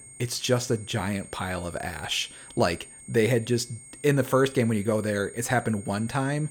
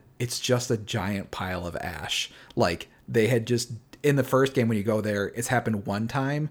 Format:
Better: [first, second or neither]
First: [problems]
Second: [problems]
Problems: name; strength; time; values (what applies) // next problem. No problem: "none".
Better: second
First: high-pitched whine; noticeable; throughout; 8.5 kHz, 15 dB below the speech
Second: none